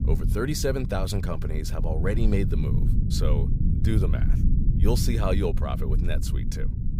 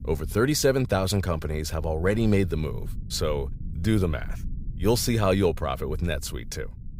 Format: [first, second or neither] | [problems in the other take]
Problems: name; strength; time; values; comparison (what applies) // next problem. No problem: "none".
second | low rumble; loud; throughout; 7 dB below the speech; faint in the second